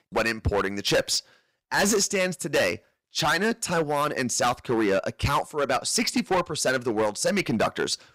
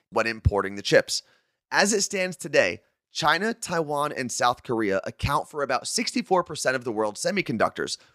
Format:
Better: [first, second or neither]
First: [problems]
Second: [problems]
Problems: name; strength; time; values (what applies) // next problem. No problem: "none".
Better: second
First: distortion; heavy; 11% of the sound clipped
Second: none